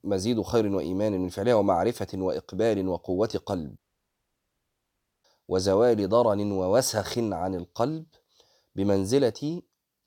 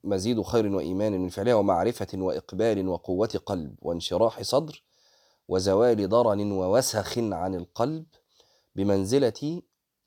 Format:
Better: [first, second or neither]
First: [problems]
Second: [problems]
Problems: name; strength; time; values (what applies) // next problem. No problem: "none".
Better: second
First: audio cutting out; at 4 s for 1.5 s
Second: none